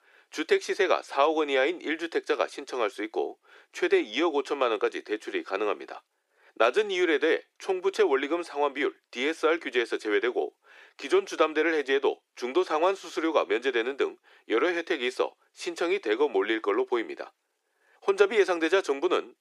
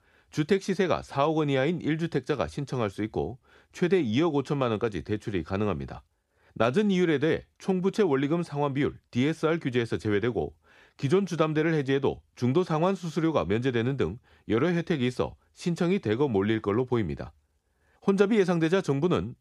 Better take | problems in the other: second | thin; very; fading below 350 Hz

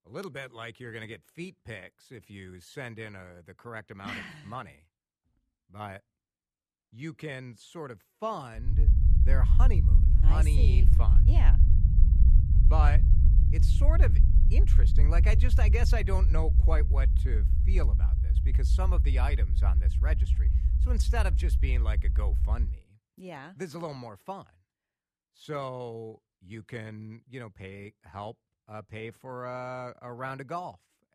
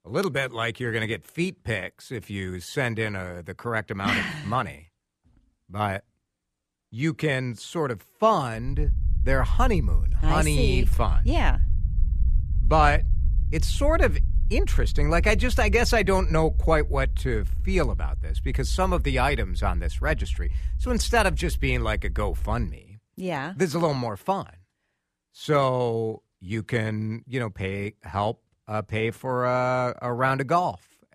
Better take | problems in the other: second | low rumble; loud; from 8.5 to 23 s; 5 dB below the speech; faint in the second

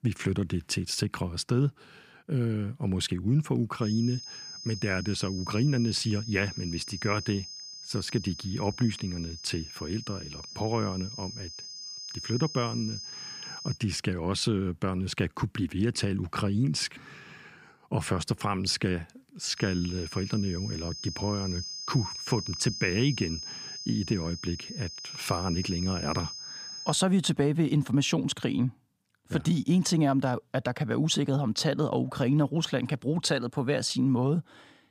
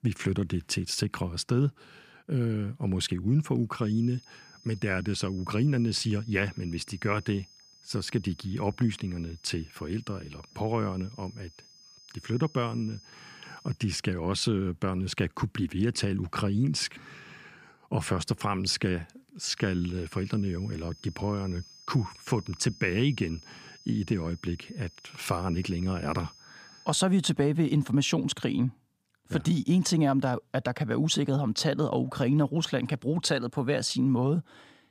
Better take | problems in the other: second | high-pitched whine; loud; from 4 to 14 s and from 20 to 27 s; 5 kHz, 9 dB below the speech; faint in the second

